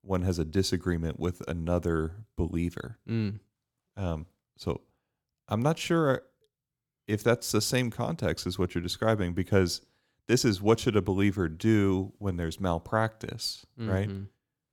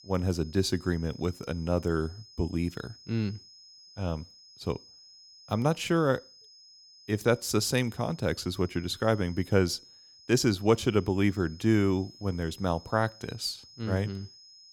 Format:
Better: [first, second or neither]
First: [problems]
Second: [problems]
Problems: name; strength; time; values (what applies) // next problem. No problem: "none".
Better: first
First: none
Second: high-pitched whine; faint; throughout; 5 kHz, 20 dB below the speech